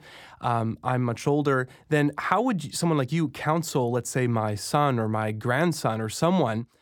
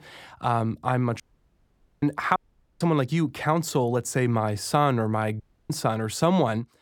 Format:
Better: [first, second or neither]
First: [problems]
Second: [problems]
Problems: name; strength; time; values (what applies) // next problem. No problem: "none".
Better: first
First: none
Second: audio cutting out; at 1 s for 1 s, at 2.5 s and at 5.5 s